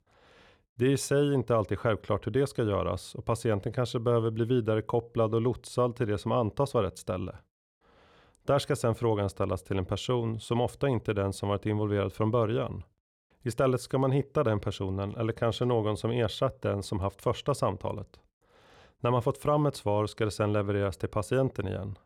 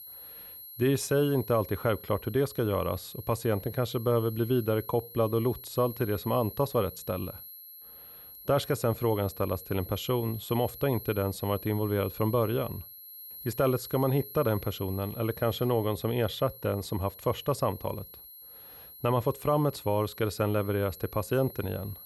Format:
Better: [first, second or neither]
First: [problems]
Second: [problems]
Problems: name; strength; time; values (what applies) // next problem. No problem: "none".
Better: first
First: none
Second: high-pitched whine; noticeable; throughout; 11.5 kHz, 15 dB below the speech